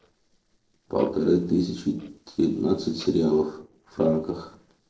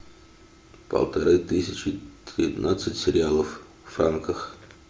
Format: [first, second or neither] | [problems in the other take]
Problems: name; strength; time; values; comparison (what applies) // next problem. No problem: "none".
second | noise reduction (neural separator model SepFormer DNS4)